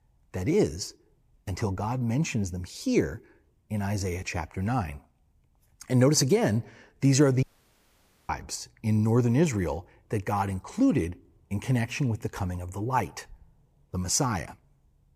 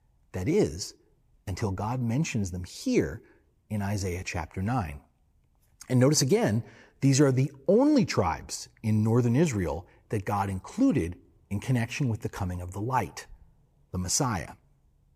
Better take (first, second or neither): second